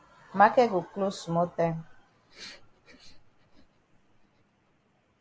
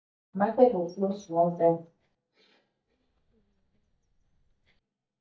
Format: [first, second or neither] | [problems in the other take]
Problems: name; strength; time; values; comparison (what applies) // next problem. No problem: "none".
first | noise reduction (neural mask model DeepFilterNet 3)